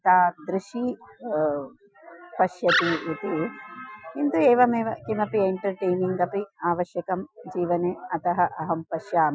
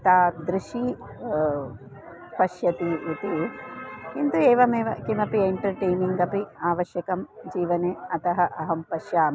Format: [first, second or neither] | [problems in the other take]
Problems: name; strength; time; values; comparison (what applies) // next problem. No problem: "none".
second | noise reduction (classical method Wiener filter)